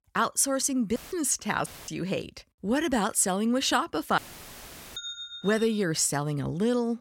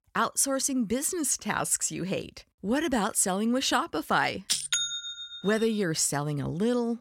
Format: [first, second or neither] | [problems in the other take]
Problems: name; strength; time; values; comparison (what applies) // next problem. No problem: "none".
second | audio cutting out; filled with static; at 1 s, at 1.5 s and at 4 s for 1 s